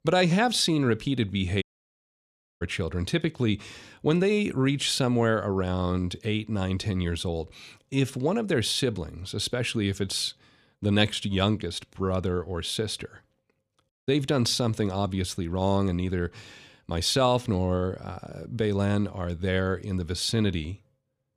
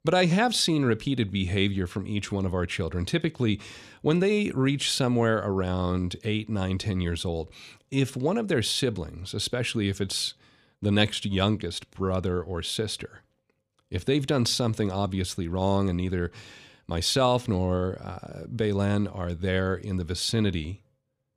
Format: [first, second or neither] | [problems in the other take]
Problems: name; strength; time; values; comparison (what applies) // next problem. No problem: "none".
second | audio cutting out; at 1.5 s for 1 s and at 14 s